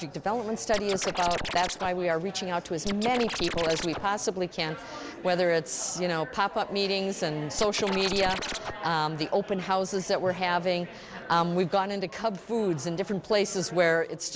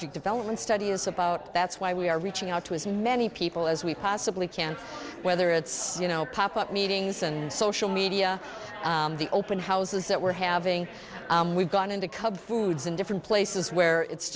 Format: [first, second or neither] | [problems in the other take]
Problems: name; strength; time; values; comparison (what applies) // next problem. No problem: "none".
second | background sound (Scratching (performance technique)); 6 dB below the speech